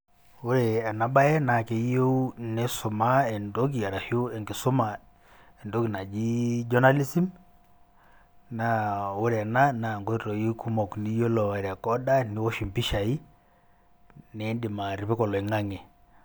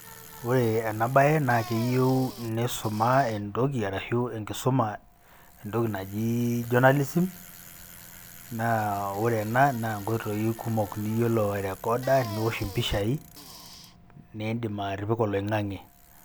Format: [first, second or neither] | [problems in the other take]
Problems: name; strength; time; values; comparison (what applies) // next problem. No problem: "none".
first | background sound (Bicycle); 19 dB below the speech